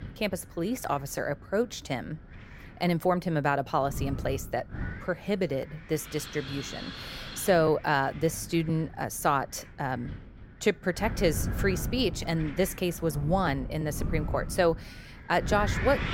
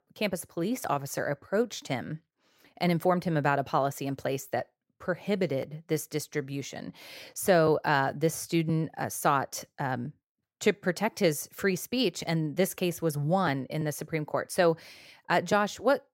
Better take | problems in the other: second | wind noise on the microphone; occasional gusts; 15 dB below the speech

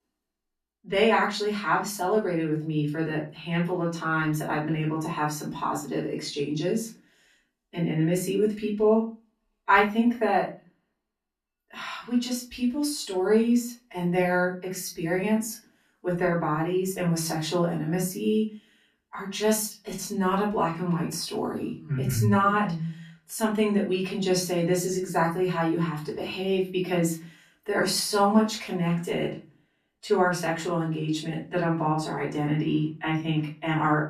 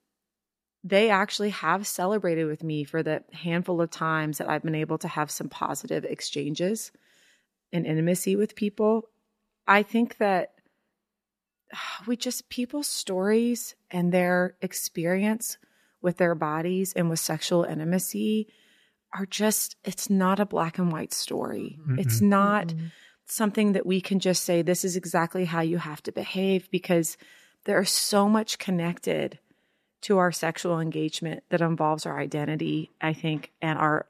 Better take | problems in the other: second | off-mic speech; far // room echo; slight; dies away in 0.3 s

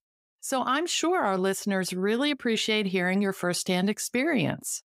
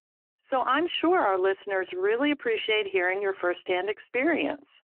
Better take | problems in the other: first | phone-call audio; nothing above 3 kHz

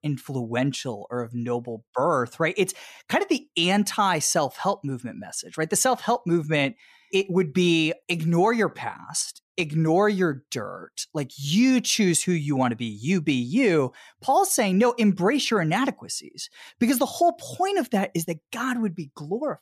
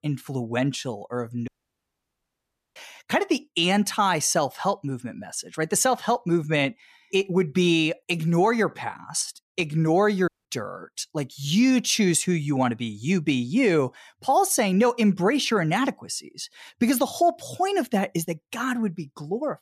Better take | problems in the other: first | audio cutting out; at 1.5 s for 1.5 s and at 10 s

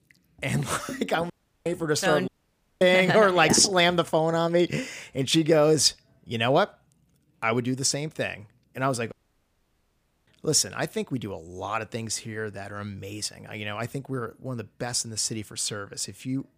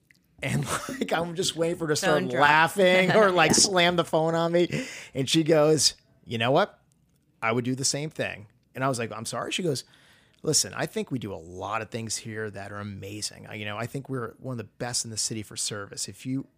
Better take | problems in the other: second | audio cutting out; at 1.5 s, at 2.5 s for 0.5 s and at 9 s for 1 s

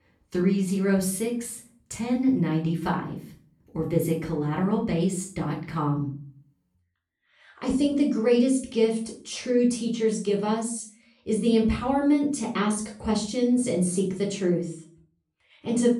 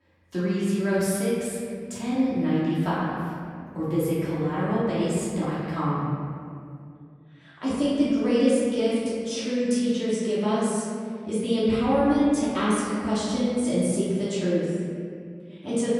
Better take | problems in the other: first | room echo; strong; dies away in 2.2 s; slight in the first // off-mic speech; far; far in the first

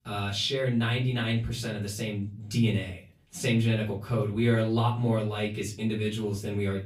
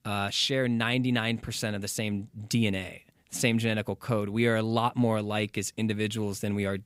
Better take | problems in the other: second | room echo; slight; dies away in 0.3 s // off-mic speech; far

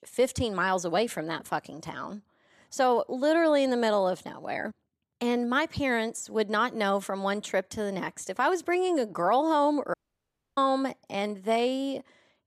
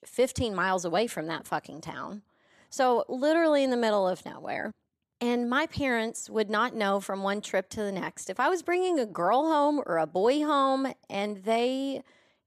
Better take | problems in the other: second | audio cutting out; at 10 s for 0.5 s

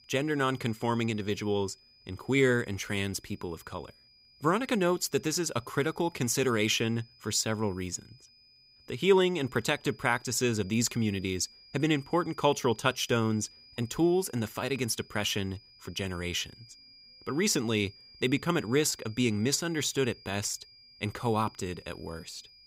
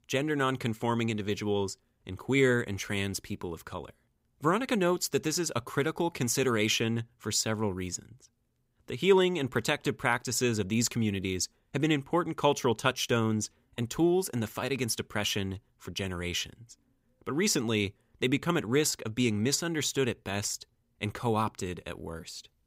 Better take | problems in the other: second | high-pitched whine; faint; throughout; 5 kHz, 25 dB below the speech

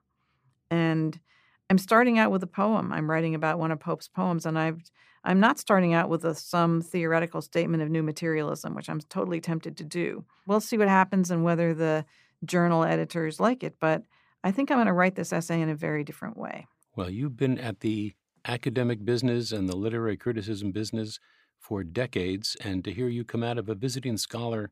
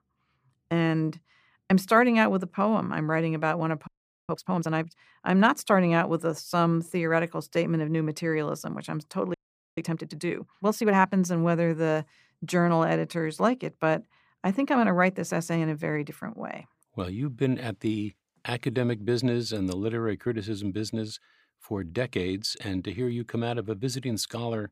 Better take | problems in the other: first | audio freezing; at 4 s and at 9.5 s

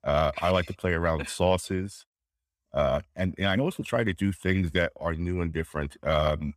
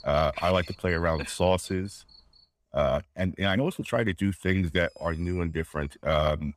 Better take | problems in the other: first | animal sounds; faint; throughout; 25 dB below the speech

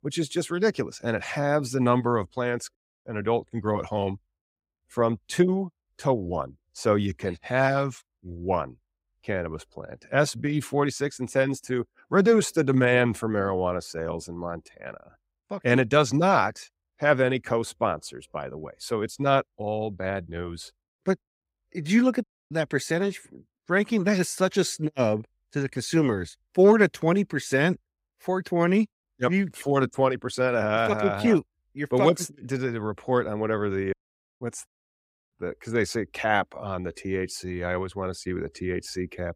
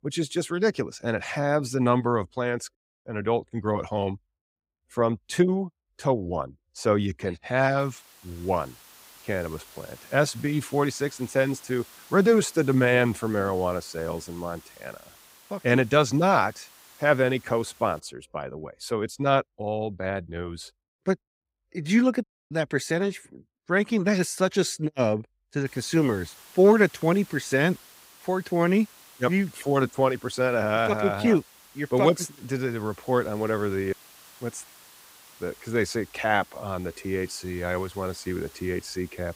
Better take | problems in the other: first | hiss; faint; from 8 to 18 s and from 26 s on; 25 dB below the speech

